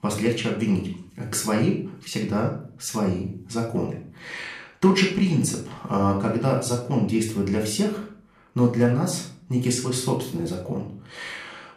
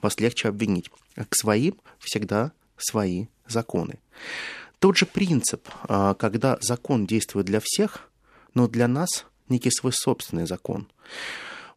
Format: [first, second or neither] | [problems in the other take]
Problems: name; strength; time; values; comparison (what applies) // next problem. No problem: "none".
second | off-mic speech; far // room echo; noticeable; dies away in 0.4 s